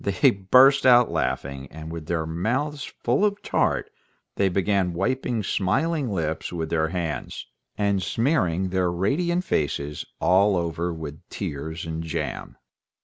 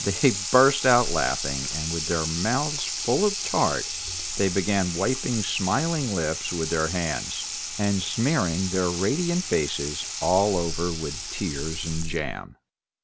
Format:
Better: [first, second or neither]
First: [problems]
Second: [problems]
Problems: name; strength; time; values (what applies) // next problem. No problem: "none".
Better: first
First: none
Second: background sound (Sink (filling or washing) / Water tap, faucet); 5 dB below the speech